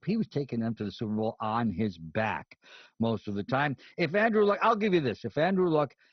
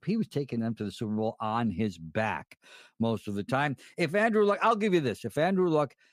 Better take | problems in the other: second | garbled, watery; badly; nothing above 6 kHz

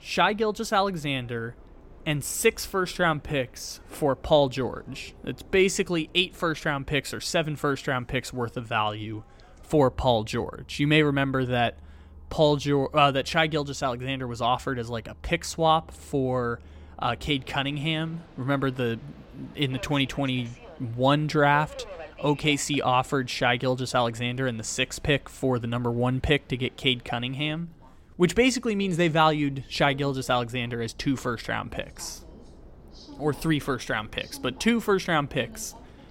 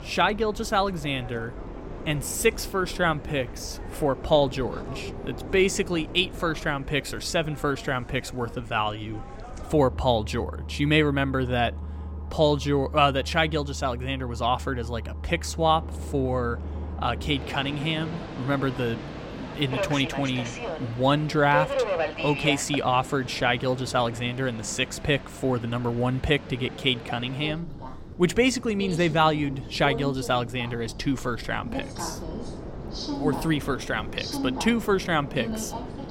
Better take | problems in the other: first | train or aircraft noise; loud; throughout; 10 dB below the speech; faint in the first

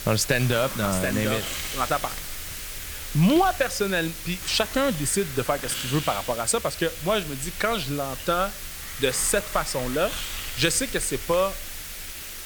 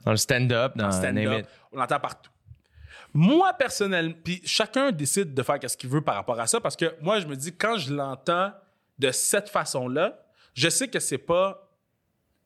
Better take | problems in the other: second | hiss; loud; throughout; 8 dB below the speech

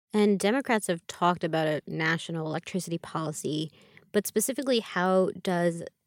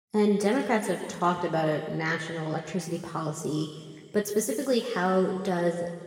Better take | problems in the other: first | room echo; noticeable; dies away in 1.8 s // off-mic speech; somewhat distant

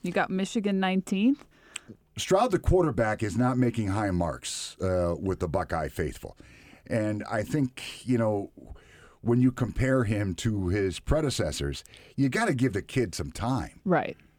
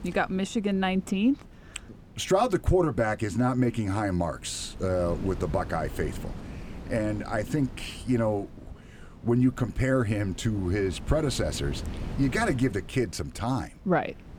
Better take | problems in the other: first | wind noise on the microphone; occasional gusts; 20 dB below the speech

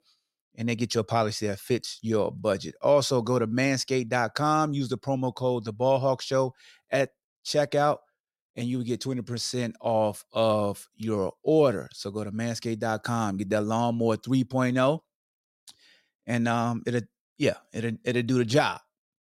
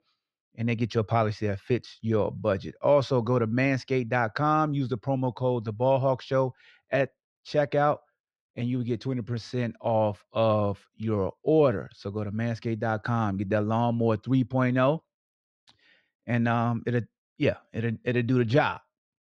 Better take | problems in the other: first | muffled; slightly; fading above 2.5 kHz

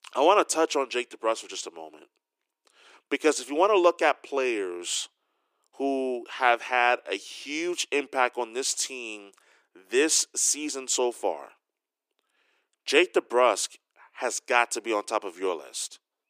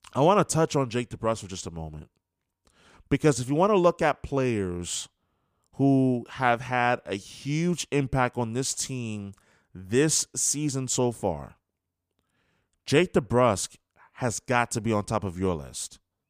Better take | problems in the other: second | thin; somewhat; fading below 350 Hz

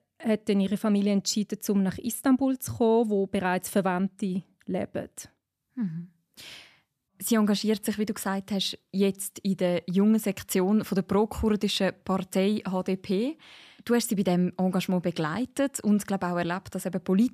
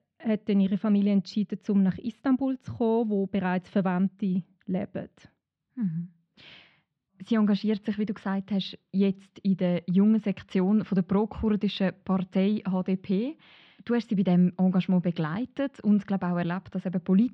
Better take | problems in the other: first | muffled; slightly; fading above 4 kHz

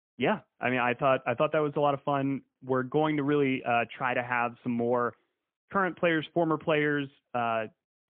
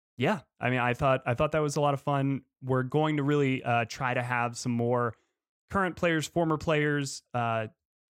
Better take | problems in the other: second | phone-call audio; poor line; nothing above 3 kHz

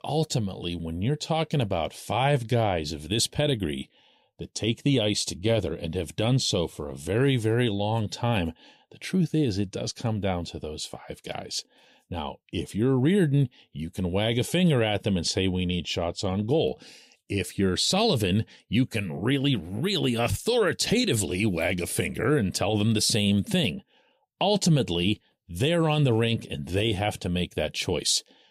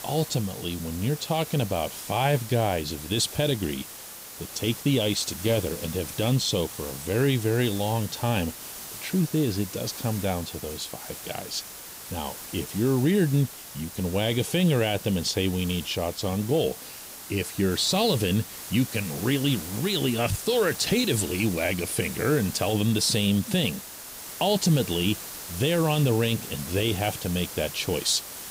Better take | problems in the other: first | hiss; noticeable; throughout; 10 dB below the speech

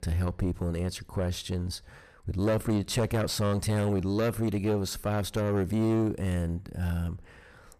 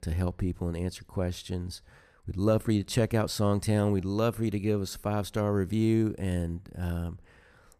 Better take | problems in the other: second | distortion; heavy; 6 dB below the speech

